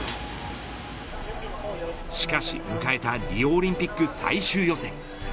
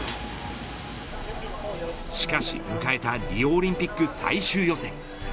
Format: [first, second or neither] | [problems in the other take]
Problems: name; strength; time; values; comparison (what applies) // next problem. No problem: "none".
first | background sound (Dishes, pots, and pans); 19 dB below the speech